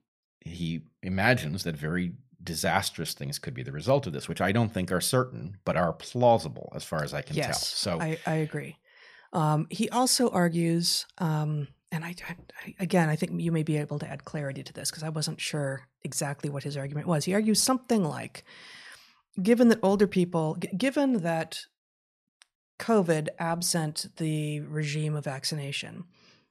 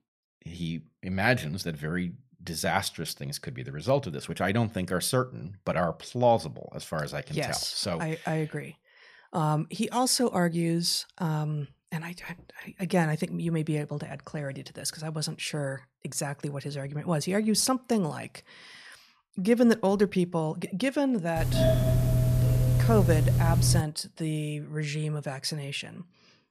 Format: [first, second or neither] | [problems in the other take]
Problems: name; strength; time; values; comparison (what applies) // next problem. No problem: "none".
first | doorbell; loud; from 21 to 24 s; peak 6 dB above the speech